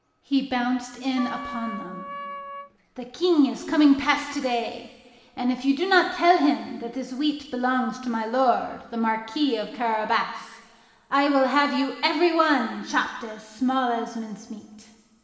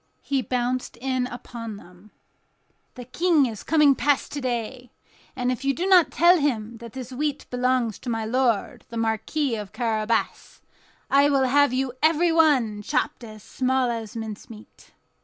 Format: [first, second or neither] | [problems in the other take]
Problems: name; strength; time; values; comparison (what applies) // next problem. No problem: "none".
second | background sound (Wind instrument, woodwind instrument); 11 dB below the speech // room echo; dies away in 2 s